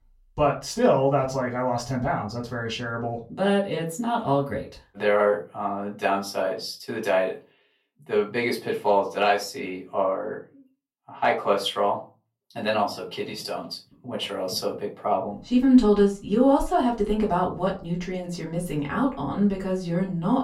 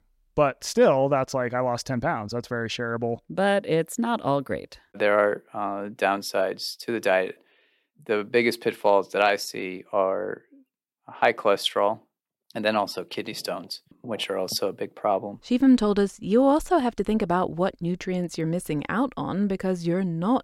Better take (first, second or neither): second